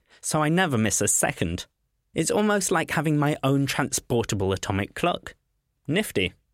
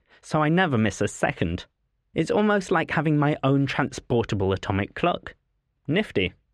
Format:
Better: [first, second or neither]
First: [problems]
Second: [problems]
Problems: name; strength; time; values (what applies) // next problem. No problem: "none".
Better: first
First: none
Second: muffled; slightly; fading above 3 kHz